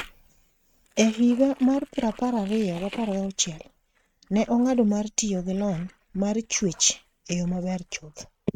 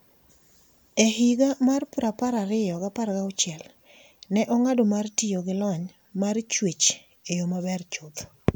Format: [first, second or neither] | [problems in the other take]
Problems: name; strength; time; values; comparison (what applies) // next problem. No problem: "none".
second | noise reduction (neural mask model RNNoise)